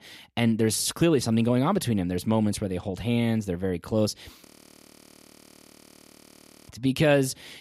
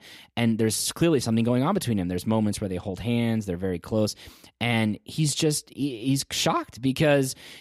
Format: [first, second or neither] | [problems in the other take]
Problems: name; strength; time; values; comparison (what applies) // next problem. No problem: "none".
second | audio freezing; at 4.5 s for 2 s